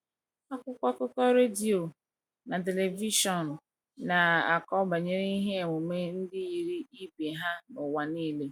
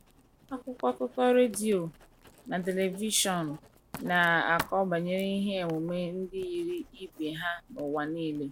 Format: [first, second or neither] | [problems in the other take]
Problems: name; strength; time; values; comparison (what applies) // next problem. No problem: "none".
first | background sound (Writing); 18 dB below the speech